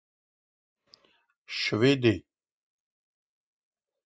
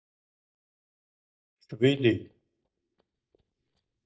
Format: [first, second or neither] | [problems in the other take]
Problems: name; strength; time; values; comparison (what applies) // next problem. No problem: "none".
first | noise reduction (neural mask model DeepFilterNet 3)